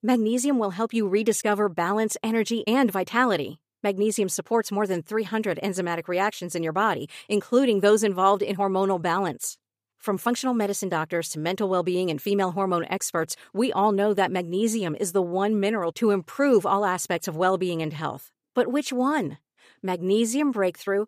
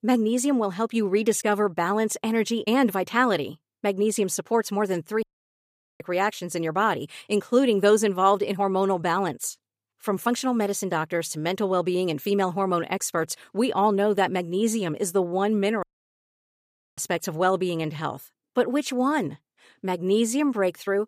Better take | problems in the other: first | audio cutting out; at 5 s for 1 s and at 16 s for 1 s

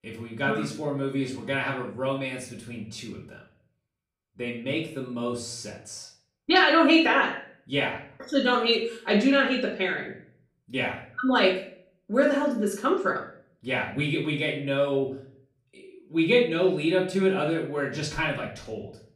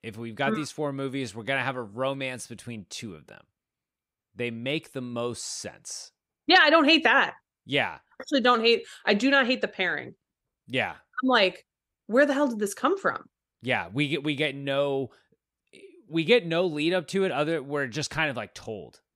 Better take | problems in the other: second | off-mic speech; far // room echo; slight; dies away in 0.5 s

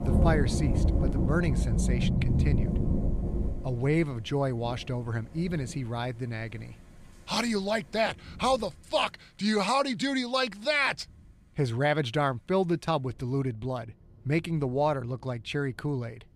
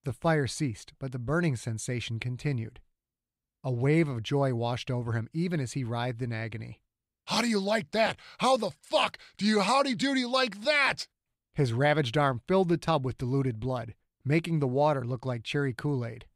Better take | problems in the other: second | rain or running water; very loud; throughout; as loud as the speech

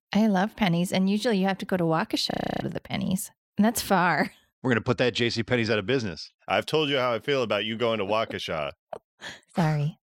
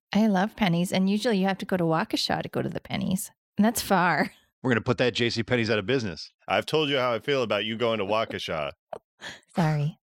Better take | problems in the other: second | audio freezing; at 2.5 s

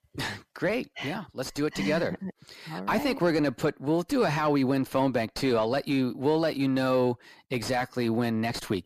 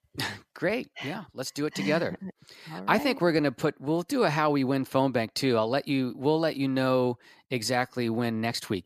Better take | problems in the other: second | distortion; slight; 10 dB below the speech

